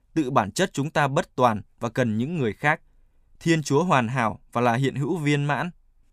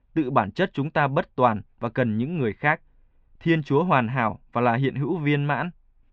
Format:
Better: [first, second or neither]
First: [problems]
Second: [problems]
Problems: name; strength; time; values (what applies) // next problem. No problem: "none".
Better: first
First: none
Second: muffled; very; fading above 3 kHz